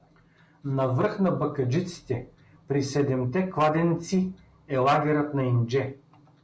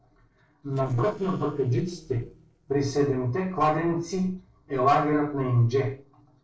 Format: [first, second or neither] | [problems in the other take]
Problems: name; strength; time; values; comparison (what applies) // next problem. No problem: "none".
first | noise reduction (neural separator model SepFormer DNS4)